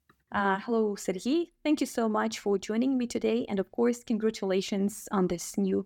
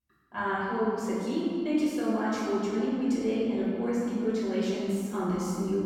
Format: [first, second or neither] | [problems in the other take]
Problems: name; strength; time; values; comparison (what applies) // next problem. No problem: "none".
first | room echo; strong; dies away in 2.1 s // off-mic speech; far